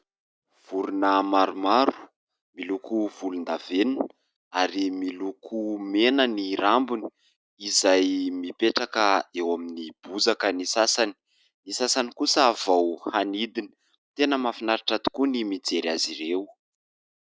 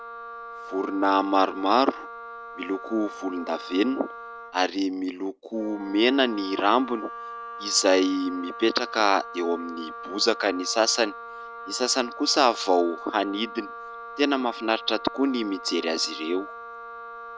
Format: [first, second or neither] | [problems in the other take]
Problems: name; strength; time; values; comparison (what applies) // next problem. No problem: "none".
first | background sound (Wind instrument, woodwind instrument); 13 dB below the speech